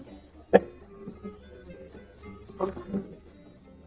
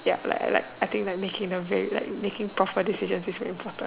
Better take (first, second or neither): second